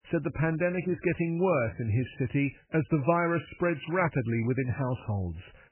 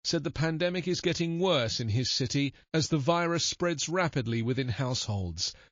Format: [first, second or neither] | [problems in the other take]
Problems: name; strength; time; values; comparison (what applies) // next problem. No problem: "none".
second | garbled, watery; badly; nothing above 2.5 kHz; slightly in the second